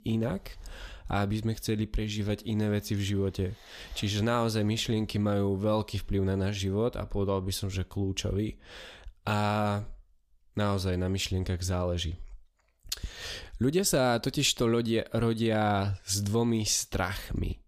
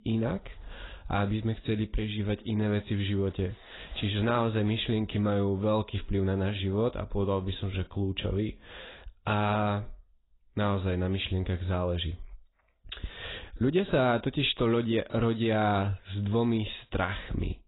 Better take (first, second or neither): first